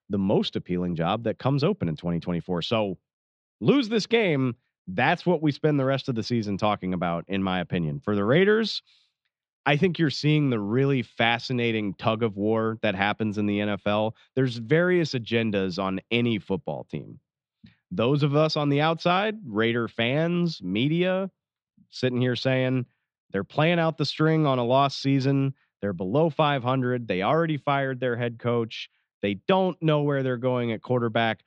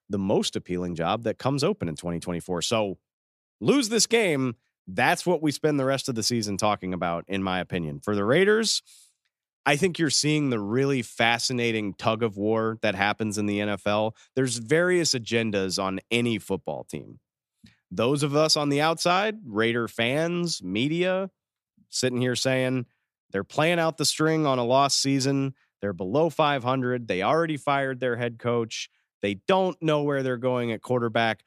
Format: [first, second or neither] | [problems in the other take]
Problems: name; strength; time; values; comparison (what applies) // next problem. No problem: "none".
second | muffled; slightly; fading above 4 kHz